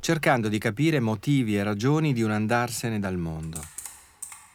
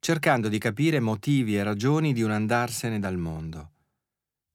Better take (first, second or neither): second